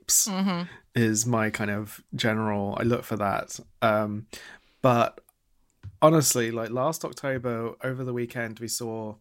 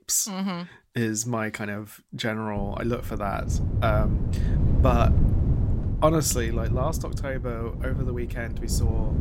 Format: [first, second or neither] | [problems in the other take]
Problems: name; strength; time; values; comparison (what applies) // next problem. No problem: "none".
first | wind noise on the microphone; heavy; from 2.5 s on; 10 dB below the speech